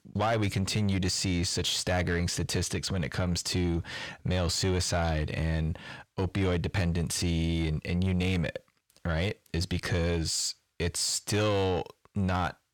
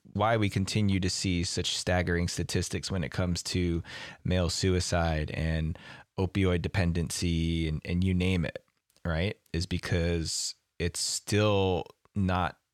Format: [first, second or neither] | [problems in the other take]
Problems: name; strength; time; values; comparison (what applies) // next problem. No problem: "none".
second | distortion; slight; 10 dB below the speech